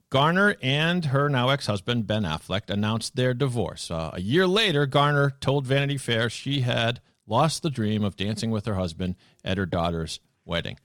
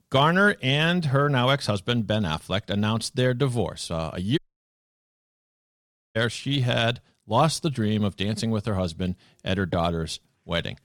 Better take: first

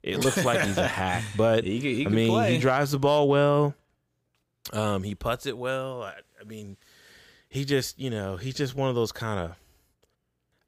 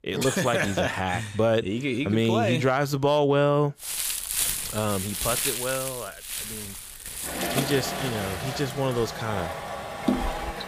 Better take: first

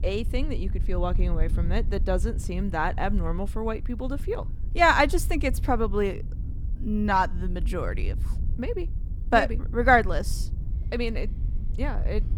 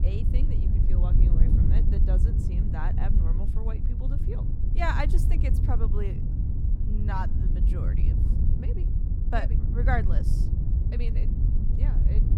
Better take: first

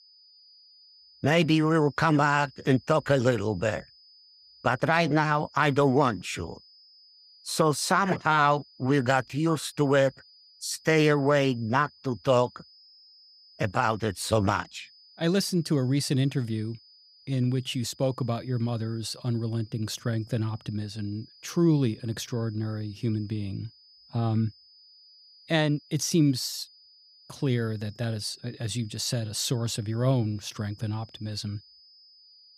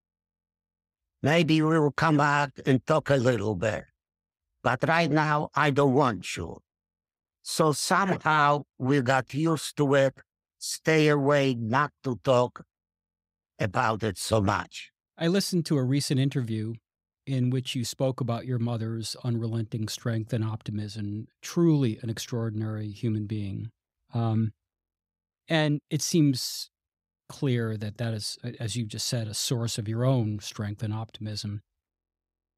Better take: second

